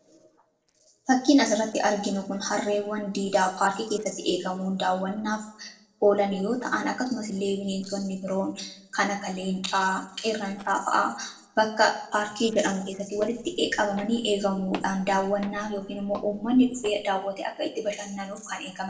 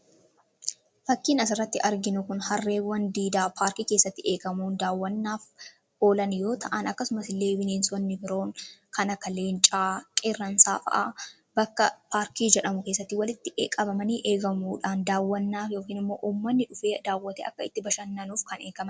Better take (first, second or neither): second